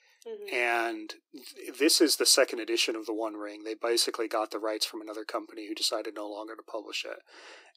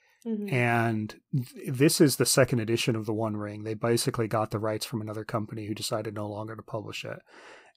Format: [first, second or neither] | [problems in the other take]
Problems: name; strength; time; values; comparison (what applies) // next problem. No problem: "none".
second | thin; very; fading below 300 Hz